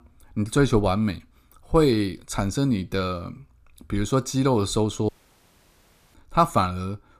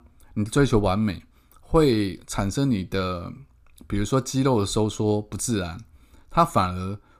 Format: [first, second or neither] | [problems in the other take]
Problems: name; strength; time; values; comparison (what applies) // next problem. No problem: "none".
second | audio cutting out; at 5 s for 1 s